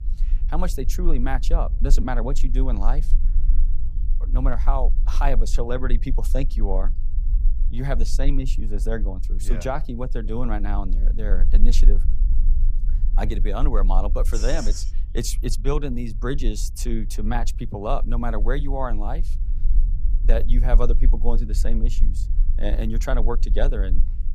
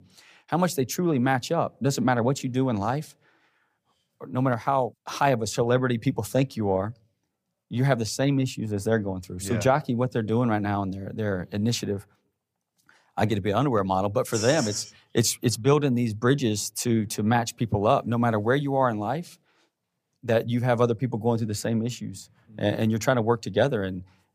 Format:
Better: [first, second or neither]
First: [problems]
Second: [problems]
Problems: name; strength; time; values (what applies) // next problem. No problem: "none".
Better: second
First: low rumble; noticeable; throughout; 20 dB below the speech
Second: none